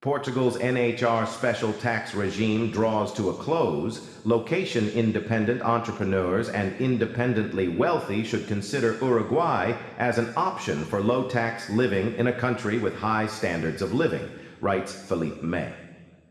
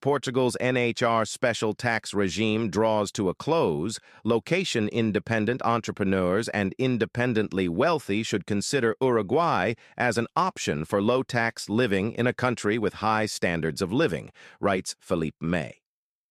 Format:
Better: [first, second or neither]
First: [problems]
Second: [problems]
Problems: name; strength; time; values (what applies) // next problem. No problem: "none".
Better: second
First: room echo; noticeable; dies away in 1.5 s // off-mic speech; somewhat distant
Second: none